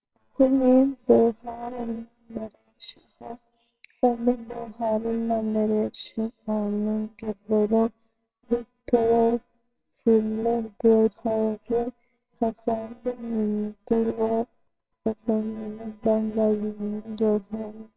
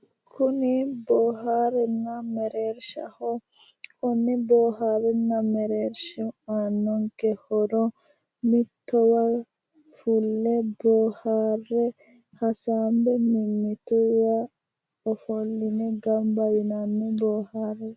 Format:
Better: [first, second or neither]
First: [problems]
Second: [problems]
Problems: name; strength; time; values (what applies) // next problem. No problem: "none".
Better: second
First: noise reduction (neural separator model SepFormer WHAMR!)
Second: none